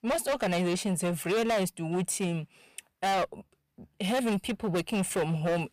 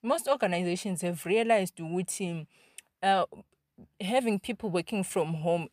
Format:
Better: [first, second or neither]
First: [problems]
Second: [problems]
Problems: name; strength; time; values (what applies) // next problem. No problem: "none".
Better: second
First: distortion; heavy; 17% of the sound clipped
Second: none